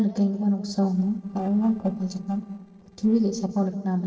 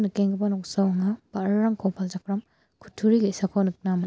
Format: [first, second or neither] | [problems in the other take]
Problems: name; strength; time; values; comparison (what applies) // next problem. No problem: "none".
second | noise reduction (neural separator model SepFormer DNS4)